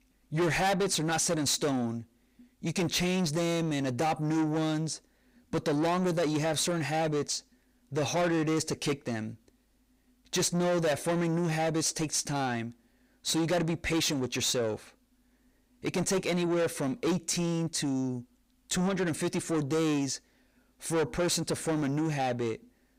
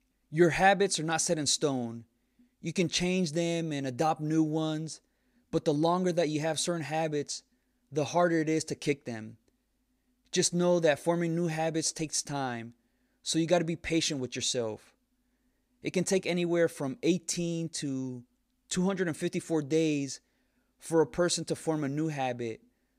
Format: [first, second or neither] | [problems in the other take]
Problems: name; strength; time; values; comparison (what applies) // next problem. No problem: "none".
second | distortion; heavy; 7 dB below the speech